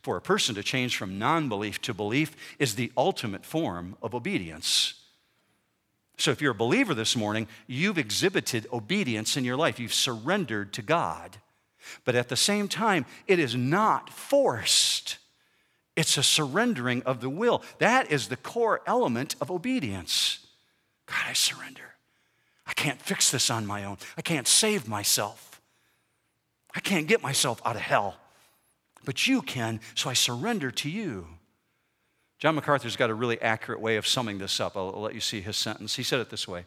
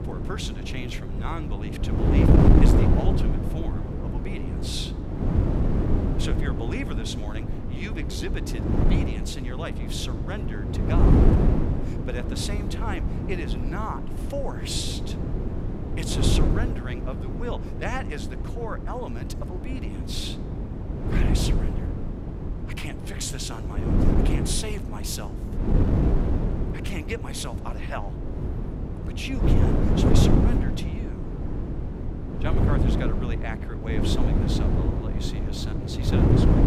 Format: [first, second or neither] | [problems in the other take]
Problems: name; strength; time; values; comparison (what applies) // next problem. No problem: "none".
first | wind noise on the microphone; heavy; 2 dB above the speech